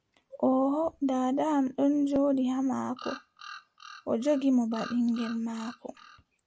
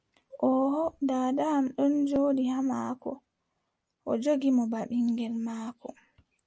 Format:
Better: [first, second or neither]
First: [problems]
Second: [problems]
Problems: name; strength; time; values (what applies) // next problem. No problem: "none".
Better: second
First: background sound (Bird vocalization, bird call, bird song); 18 dB below the speech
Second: none